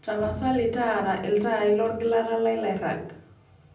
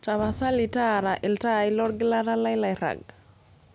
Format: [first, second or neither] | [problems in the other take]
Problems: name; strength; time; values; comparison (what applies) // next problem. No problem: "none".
second | room echo; dies away in 0.6 s